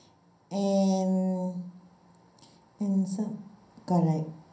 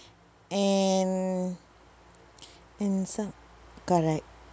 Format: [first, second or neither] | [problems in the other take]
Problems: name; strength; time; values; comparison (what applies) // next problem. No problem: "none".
second | room echo; dies away in 0.6 s